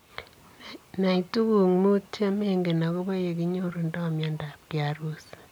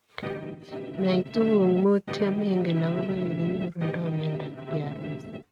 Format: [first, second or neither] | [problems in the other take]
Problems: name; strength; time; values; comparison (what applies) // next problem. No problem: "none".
first | noise reduction (neural mask model RNNoise)